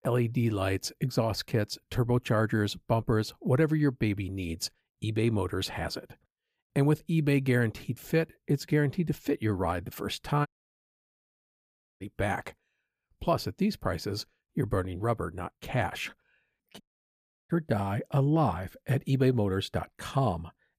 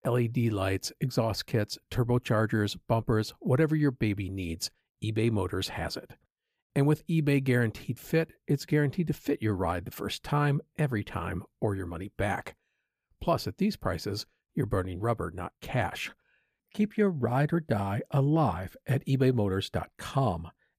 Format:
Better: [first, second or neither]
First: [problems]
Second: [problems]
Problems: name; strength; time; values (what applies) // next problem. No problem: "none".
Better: second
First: audio cutting out; at 10 s for 1.5 s and at 17 s for 0.5 s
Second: none